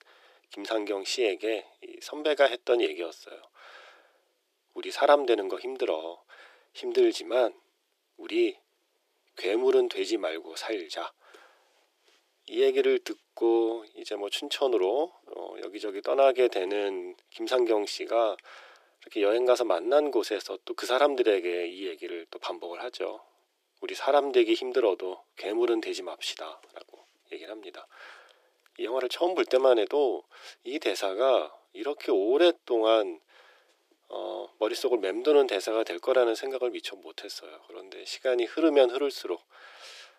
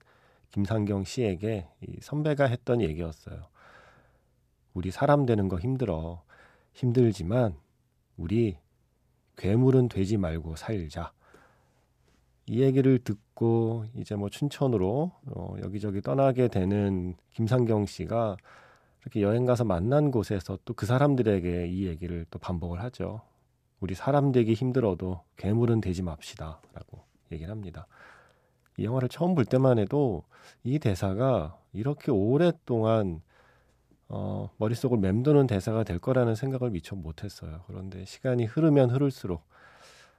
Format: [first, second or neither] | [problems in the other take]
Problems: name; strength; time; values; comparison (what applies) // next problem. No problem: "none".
second | thin; very; fading below 350 Hz